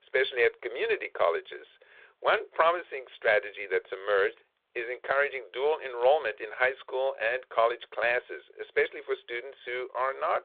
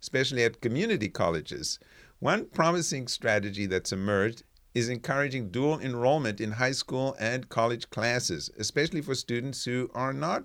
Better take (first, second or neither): second